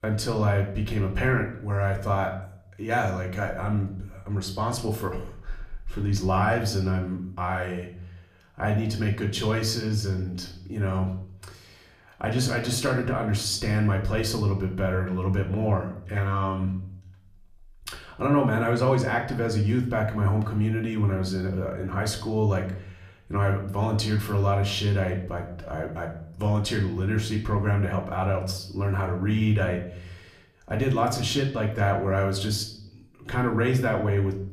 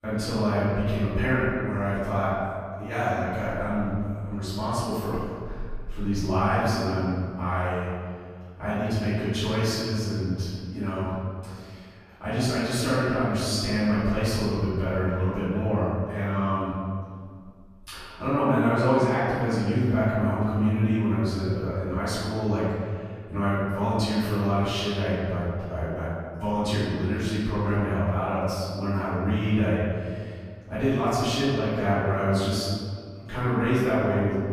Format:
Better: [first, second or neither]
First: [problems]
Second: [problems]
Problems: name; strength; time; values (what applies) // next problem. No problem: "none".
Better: first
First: room echo; slight; dies away in 0.5 s // off-mic speech; somewhat distant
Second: room echo; strong; dies away in 1.8 s // off-mic speech; far